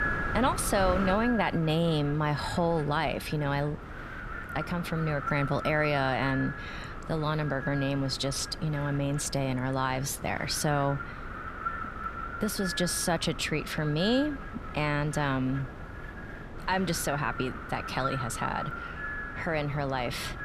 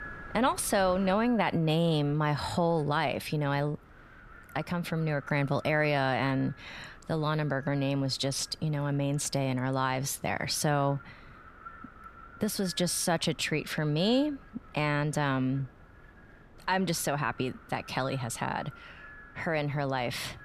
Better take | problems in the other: second | wind noise on the microphone; heavy; 6 dB below the speech; occasional gusts in the second

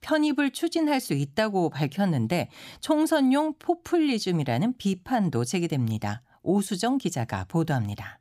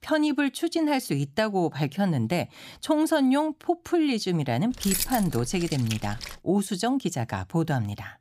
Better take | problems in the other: first | jangling keys; noticeable; from 4.5 to 6.5 s; peak 1 dB below the speech

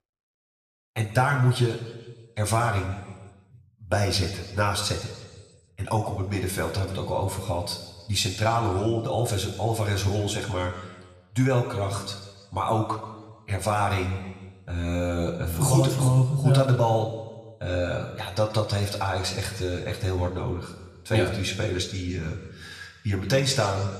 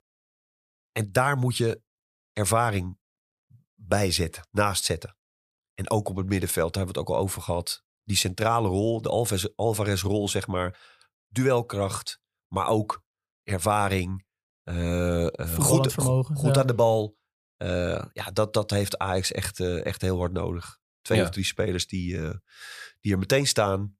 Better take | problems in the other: second | room echo; slight; dies away in 1.3 s // off-mic speech; somewhat distant

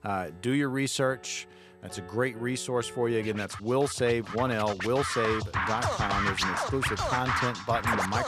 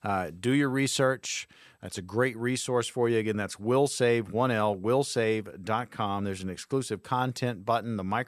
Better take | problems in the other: second | background music; loud; throughout; 1 dB below the speech

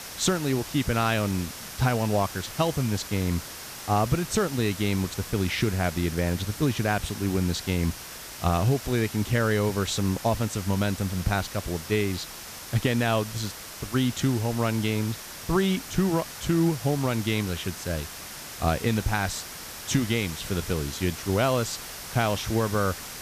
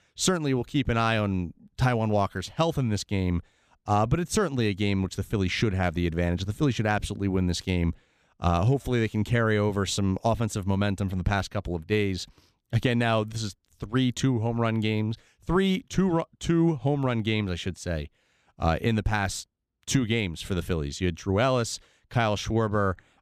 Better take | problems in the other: second | hiss; noticeable; throughout; 10 dB below the speech

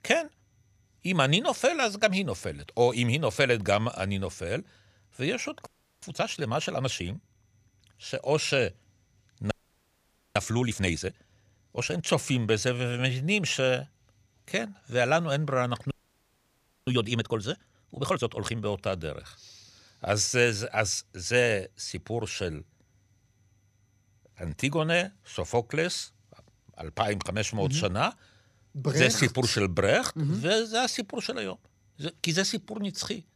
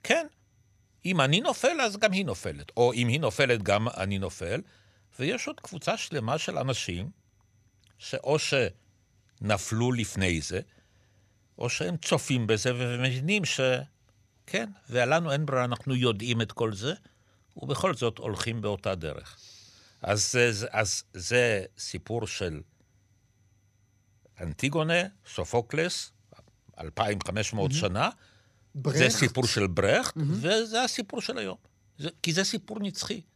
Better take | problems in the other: second | audio freezing; at 5.5 s, at 9.5 s for 1 s and at 16 s for 1 s

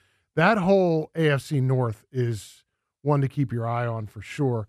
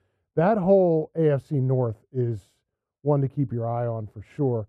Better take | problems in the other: first | muffled; very; fading above 1 kHz

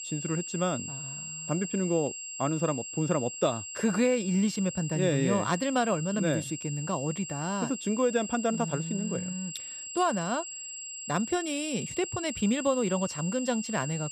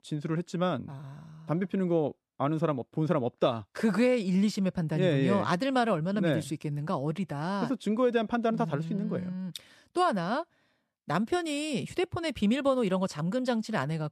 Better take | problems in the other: second | high-pitched whine; loud; throughout; 7.5 kHz, 7 dB below the speech

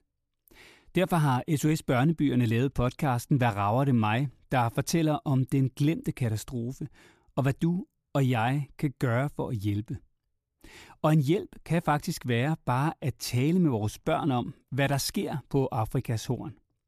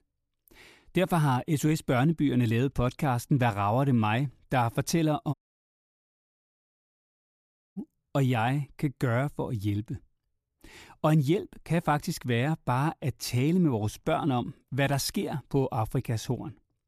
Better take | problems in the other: first | audio cutting out; at 5.5 s for 2.5 s

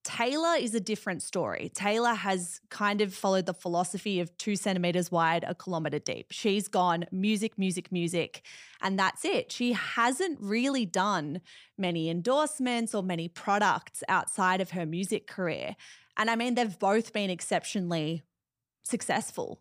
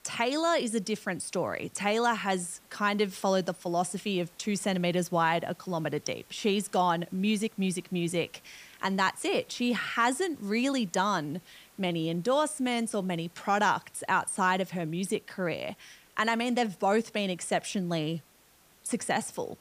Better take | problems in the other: first | hiss; faint; throughout; 30 dB below the speech

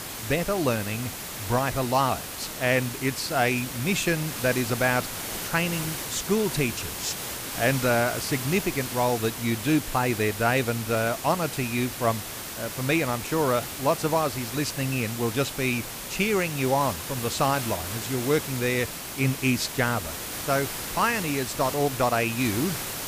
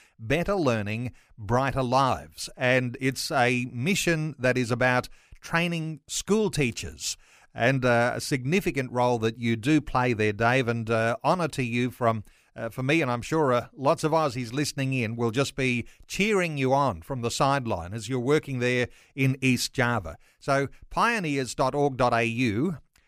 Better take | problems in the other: second | hiss; loud; throughout; 6 dB below the speech

